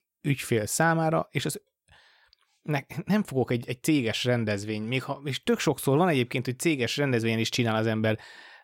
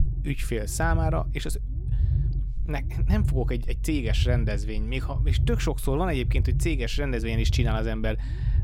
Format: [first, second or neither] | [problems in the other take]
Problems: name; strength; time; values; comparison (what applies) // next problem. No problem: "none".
first | low rumble; noticeable; throughout; 15 dB below the speech